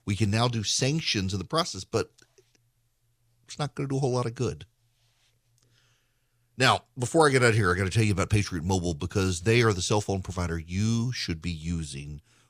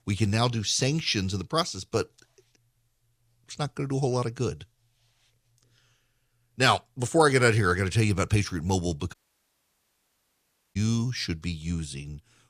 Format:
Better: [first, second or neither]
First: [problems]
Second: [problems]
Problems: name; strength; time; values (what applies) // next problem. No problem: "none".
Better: first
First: none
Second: audio cutting out; at 9 s for 1.5 s